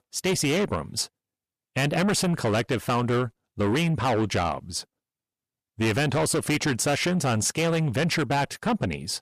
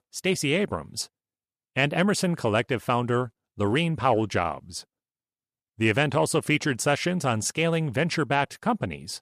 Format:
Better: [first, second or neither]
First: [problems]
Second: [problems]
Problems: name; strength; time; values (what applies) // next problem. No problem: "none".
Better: second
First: distortion; heavy; 7 dB below the speech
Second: none